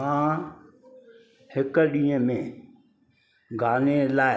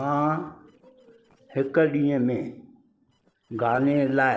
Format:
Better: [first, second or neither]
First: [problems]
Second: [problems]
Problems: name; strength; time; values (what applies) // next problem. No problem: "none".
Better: first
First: none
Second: noise reduction (neural separator model SepFormer DNS4)